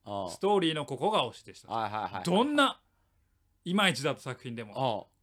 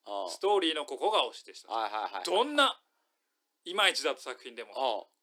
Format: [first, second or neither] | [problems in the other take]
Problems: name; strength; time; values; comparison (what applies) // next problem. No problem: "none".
first | thin; somewhat; fading below 300 Hz